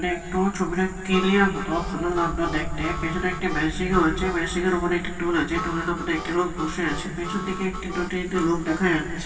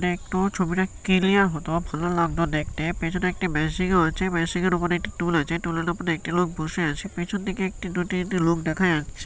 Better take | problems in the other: second | background sound (Harmonica); 12 dB below the speech // room echo; dies away in 2.5 s

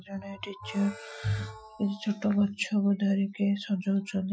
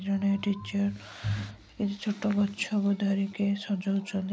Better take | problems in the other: second | noise reduction (classical method Wiener filter)

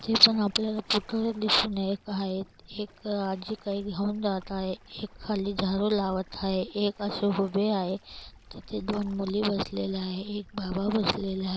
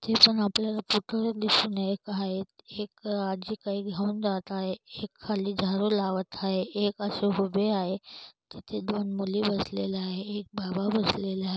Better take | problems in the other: second | background sound (Waves, surf); 20 dB below the speech

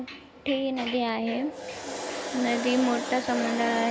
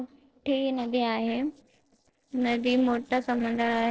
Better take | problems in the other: first | noise reduction (neural separator model SepFormer DNS4)

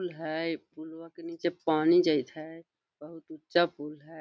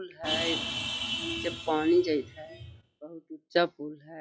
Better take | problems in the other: first | noise reduction (classical method log-MMSE)

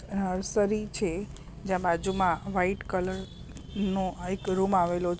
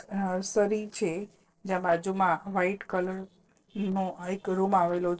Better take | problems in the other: first | noise reduction (neural separator model SepFormer DNS4)

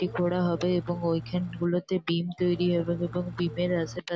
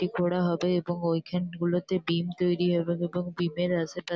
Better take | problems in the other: second | background sound (Engine / Truck); 14 dB below the speech

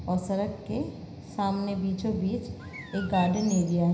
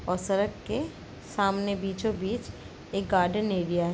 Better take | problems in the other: second | background sound (Bird); 14 dB below the speech // room echo; dies away in 0.9 s

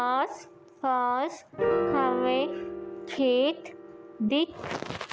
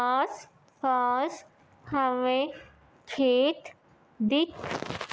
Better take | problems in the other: second | background sound (Piano); 5 dB below the speech

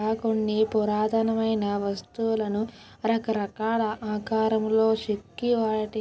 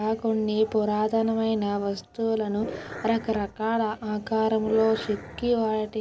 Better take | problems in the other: first | background sound (Growling); 13 dB below the speech

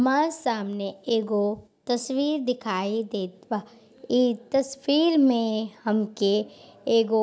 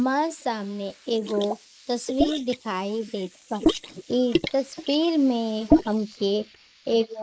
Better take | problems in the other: first | noise reduction (neural mask model Resemble Enhance denoiser)

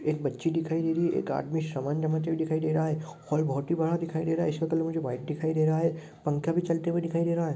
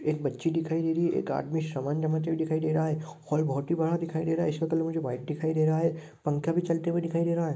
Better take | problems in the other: first | noise reduction (neural mask model Resemble Enhance denoiser)

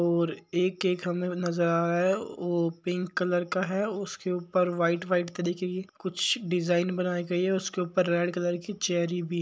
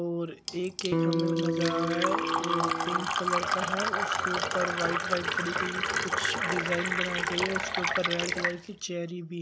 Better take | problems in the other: first | background sound (Electric guitar + Fill (with liquid)); 4 dB above the speech

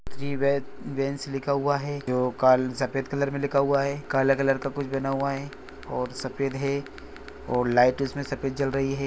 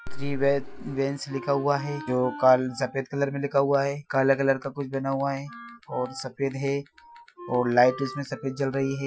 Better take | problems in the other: first | noise reduction (classical method Wiener filter)

